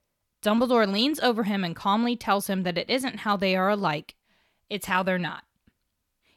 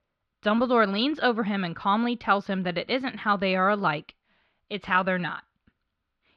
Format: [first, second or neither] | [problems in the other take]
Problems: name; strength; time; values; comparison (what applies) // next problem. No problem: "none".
first | muffled; very slightly; fading above 4 kHz